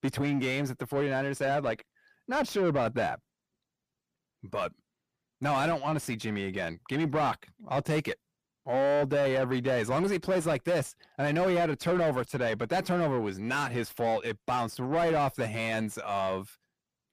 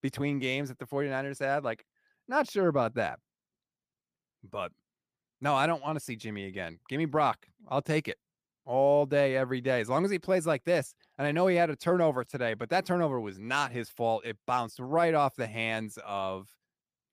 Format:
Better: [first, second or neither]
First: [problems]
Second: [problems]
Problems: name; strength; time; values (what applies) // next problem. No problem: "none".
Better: second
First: distortion; heavy; 8 dB below the speech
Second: none